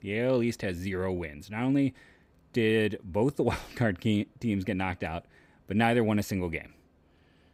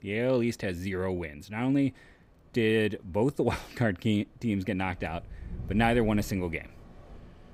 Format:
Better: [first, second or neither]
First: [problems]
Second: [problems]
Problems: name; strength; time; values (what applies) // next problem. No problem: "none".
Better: first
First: none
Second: wind in the background; noticeable; throughout; 15 dB below the speech